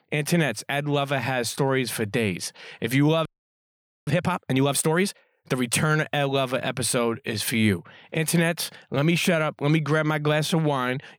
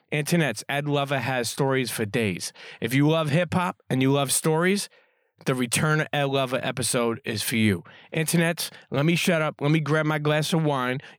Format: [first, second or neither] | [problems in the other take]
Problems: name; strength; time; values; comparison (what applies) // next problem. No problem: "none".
second | audio freezing; at 3.5 s for 1 s